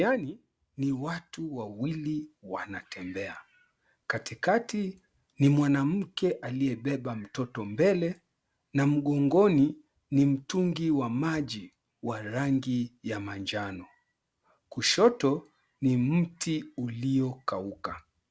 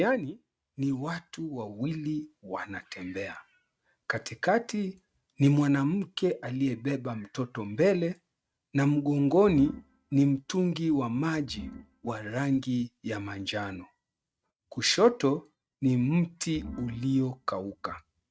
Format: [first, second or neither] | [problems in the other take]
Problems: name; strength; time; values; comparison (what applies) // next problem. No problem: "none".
first | noise reduction (neural mask model RNNoise)